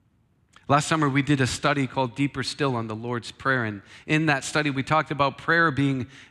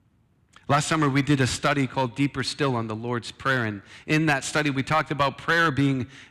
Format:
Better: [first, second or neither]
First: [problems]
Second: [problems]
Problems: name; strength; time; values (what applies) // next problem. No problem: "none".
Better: first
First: none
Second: distortion; slight; 2% of the sound clipped